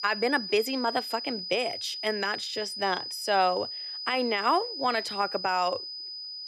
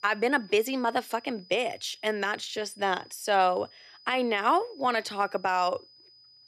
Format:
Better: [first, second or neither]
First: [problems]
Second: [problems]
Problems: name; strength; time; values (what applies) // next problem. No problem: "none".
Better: second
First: high-pitched whine; loud; throughout; 5 kHz, 6 dB below the speech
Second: high-pitched whine; faint; throughout; 5 kHz, 25 dB below the speech